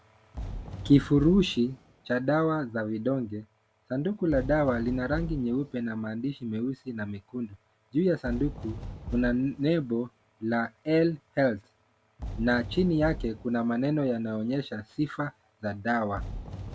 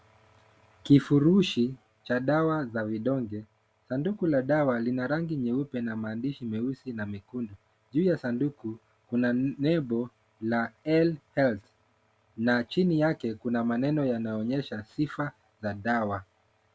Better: second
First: background sound (Fireworks); 13 dB below the speech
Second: none

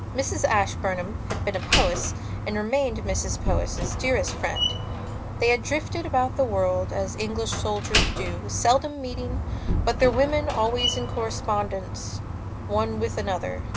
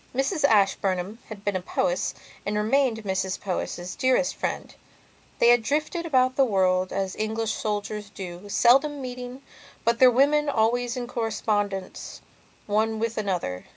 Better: second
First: background sound (Slam); 2 dB below the speech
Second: none

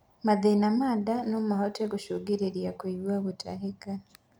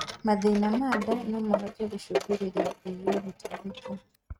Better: first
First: none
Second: noise reduction (neural mask model RNNoise)

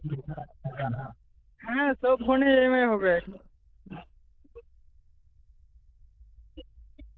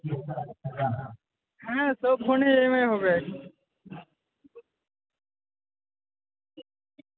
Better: second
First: noise reduction (neural diffusion model UNIVERSE++)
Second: none

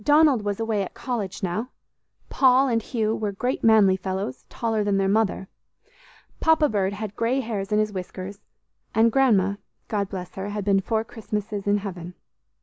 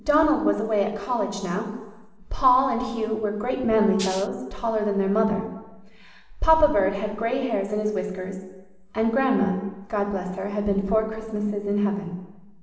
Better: first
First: none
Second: background sound (Rattle (instrument)); 11 dB below the speech // room echo; dies away in 1.1 s

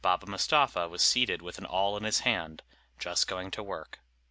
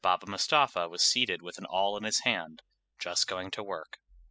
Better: first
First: none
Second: noise reduction (classical method spectral subtraction)

